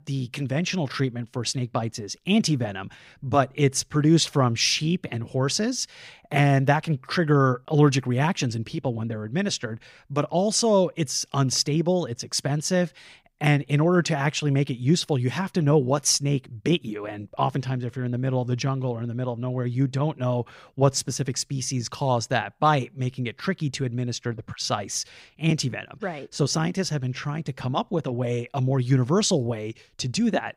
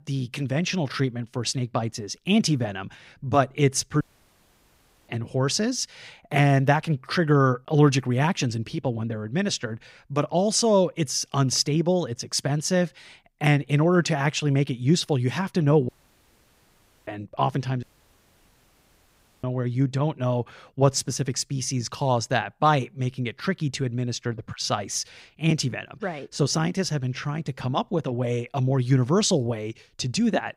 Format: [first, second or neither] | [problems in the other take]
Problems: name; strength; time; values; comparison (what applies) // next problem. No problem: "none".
first | audio cutting out; at 4 s for 1 s, at 16 s for 1 s and at 18 s for 1.5 s